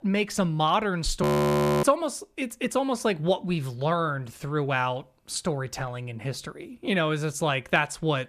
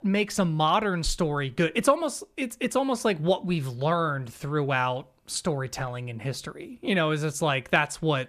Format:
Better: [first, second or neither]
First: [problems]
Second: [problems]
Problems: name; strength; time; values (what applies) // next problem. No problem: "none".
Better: second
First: audio freezing; at 1 s for 0.5 s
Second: none